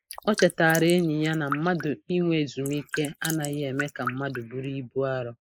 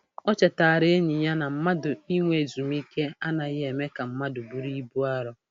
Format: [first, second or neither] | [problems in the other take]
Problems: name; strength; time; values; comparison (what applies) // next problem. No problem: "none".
second | noise reduction (neural mask model Resemble Enhance denoiser)